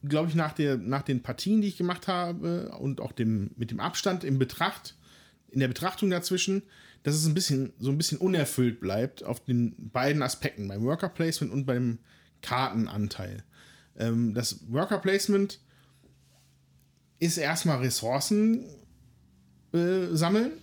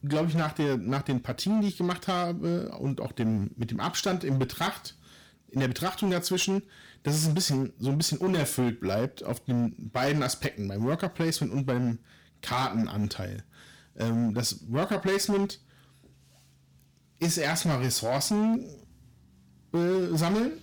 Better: first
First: none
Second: distortion; slight; 10% of the sound clipped

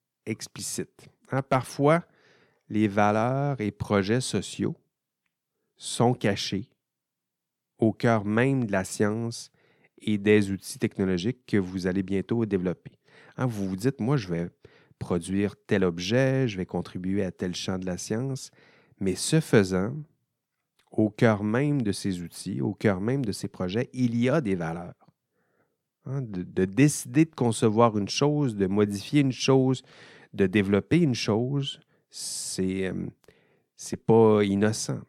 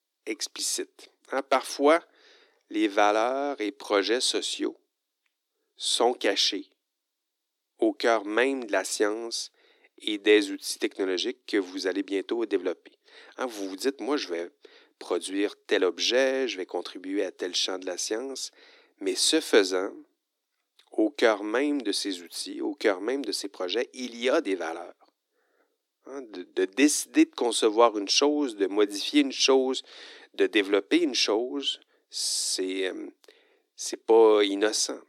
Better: first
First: none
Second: thin; somewhat; fading below 300 Hz

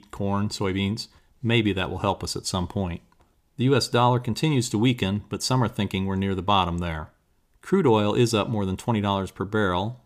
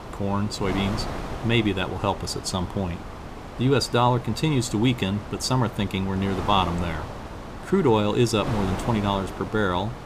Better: first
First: none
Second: wind noise on the microphone; occasional gusts; 10 dB below the speech

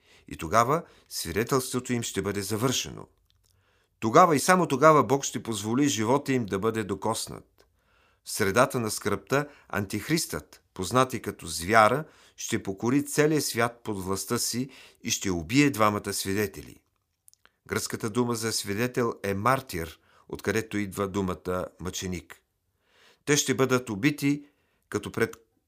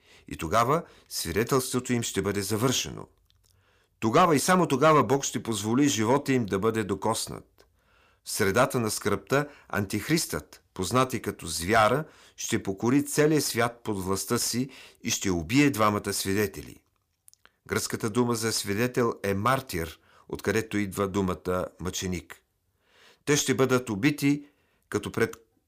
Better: first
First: none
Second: distortion; slight; 10 dB below the speech

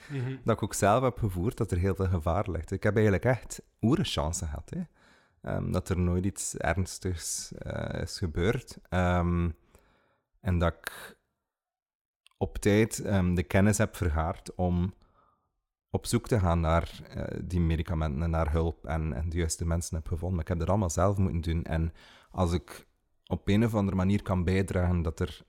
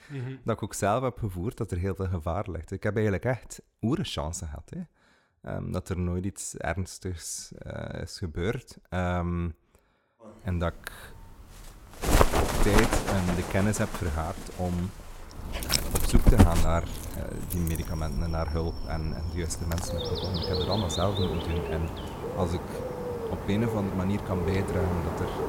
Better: first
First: none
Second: animal sounds; very loud; from 10 s on; 1 dB above the speech

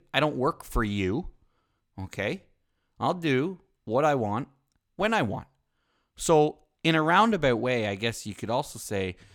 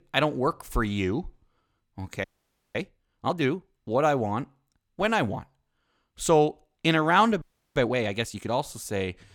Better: first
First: none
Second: audio freezing; at 2 s for 0.5 s and at 7.5 s

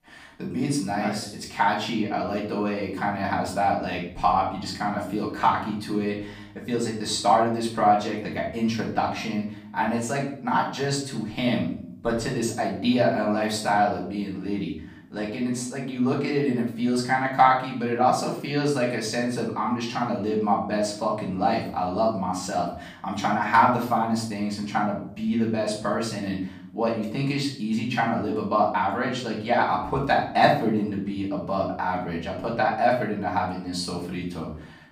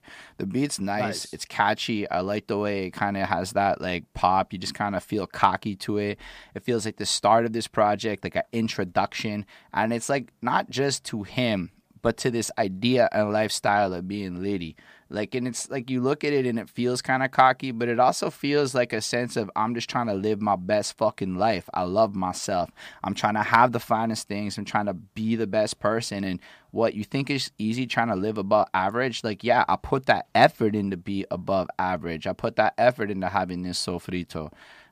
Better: second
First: room echo; noticeable; dies away in 0.5 s // off-mic speech; far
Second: none

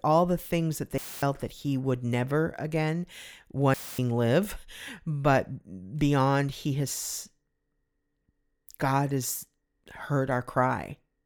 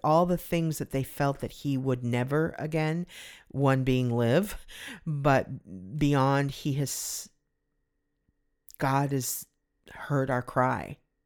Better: second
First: audio cutting out; filled with static; at 1 s and at 3.5 s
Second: none

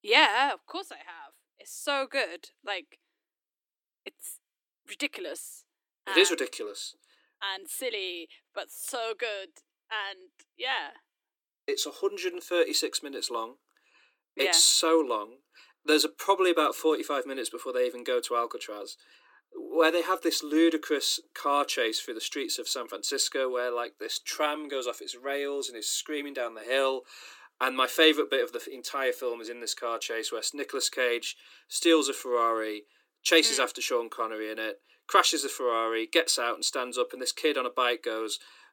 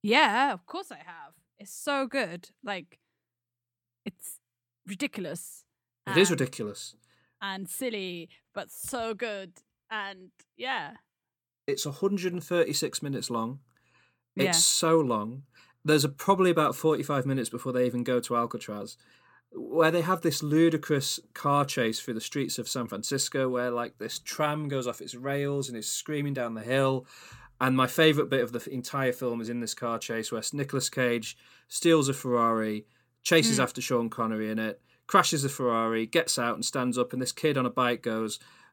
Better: second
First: thin; somewhat; fading below 300 Hz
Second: none

